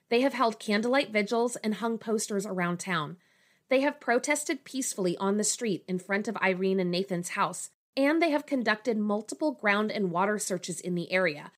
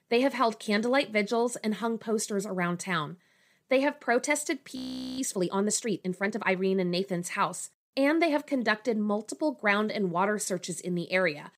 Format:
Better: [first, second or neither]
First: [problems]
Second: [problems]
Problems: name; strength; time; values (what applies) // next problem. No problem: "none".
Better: first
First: none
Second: audio freezing; at 5 s